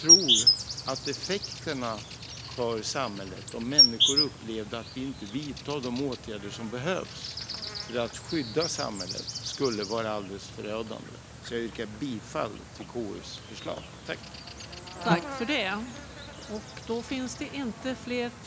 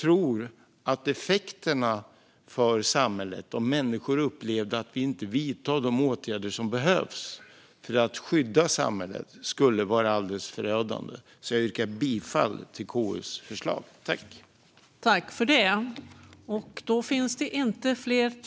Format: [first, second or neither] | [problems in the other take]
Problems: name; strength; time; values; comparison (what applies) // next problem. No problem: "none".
second | background sound (Insect); 3 dB above the speech